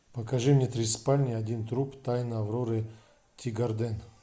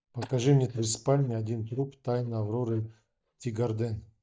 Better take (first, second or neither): first